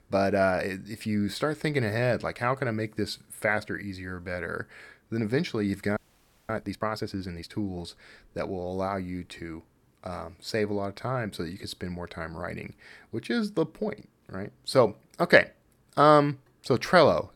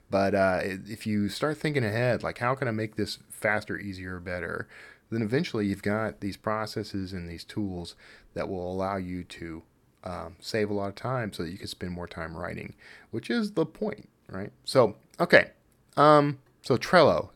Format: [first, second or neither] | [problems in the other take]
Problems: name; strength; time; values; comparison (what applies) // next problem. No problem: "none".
second | audio freezing; at 6 s for 0.5 s